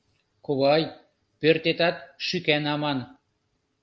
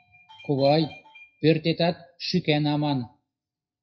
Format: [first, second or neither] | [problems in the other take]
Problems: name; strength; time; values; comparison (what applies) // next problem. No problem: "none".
first | noise reduction (classical method WPE with log-MMSE)